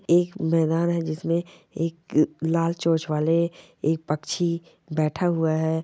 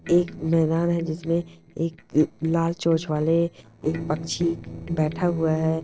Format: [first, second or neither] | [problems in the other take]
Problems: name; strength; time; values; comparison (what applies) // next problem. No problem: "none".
first | noise reduction (neural separator model SepFormer DNS4)